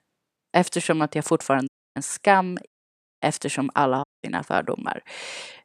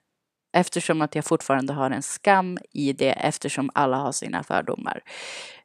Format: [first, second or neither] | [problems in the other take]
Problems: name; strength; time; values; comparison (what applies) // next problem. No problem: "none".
second | audio cutting out; at 1.5 s, at 2.5 s for 0.5 s and at 4 s